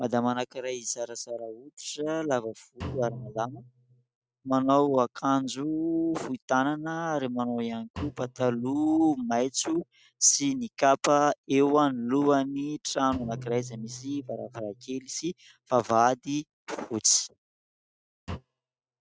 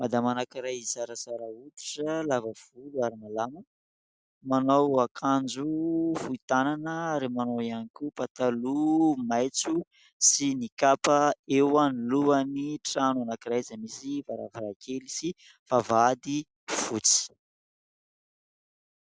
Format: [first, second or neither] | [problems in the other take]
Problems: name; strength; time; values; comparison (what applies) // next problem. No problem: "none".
second | noise reduction (neural mask model RNNoise)